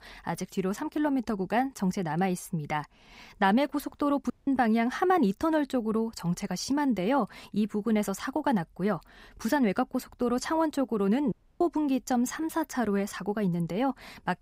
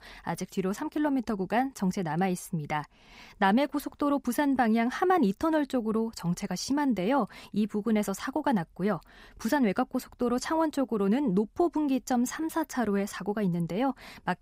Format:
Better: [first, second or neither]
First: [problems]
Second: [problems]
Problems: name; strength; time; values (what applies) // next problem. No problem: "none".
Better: second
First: audio cutting out; at 4.5 s and at 11 s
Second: none